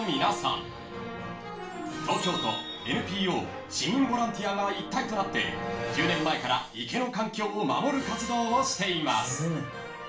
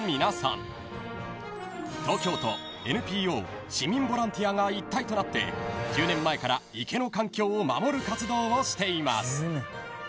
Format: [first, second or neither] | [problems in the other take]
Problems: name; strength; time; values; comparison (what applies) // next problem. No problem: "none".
second | room echo; dies away in 0.4 s